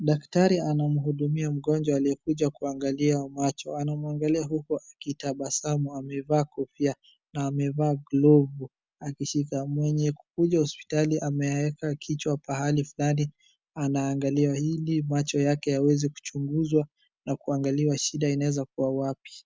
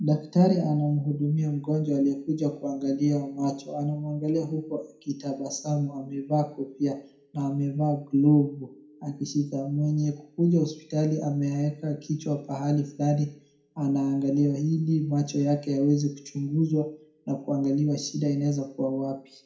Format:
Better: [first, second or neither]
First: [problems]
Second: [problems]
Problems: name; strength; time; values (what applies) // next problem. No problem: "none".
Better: first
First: none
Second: room echo; dies away in 0.5 s